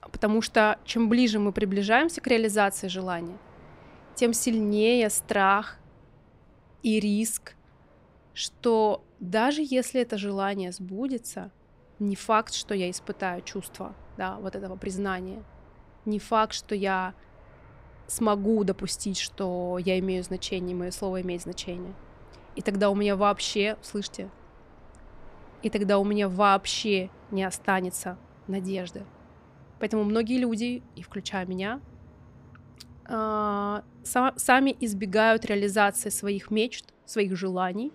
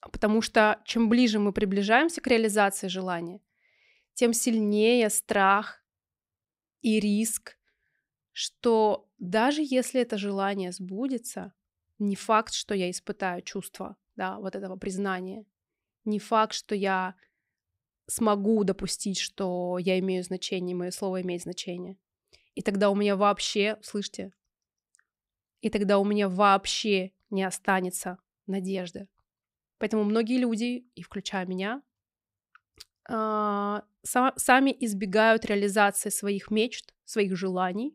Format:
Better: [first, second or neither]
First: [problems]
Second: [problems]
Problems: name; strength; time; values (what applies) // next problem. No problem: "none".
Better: second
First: train or aircraft noise; faint; throughout; 25 dB below the speech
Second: none